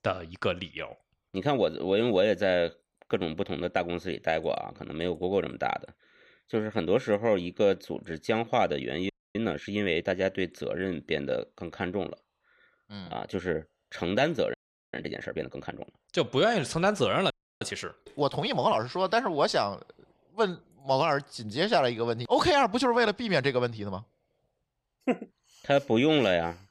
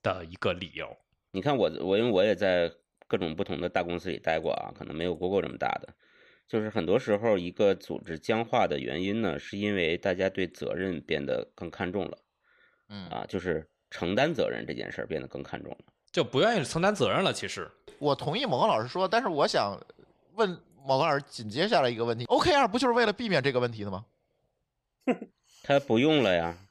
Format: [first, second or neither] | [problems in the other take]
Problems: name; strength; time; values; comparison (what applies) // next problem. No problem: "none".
second | audio freezing; at 9 s, at 15 s and at 17 s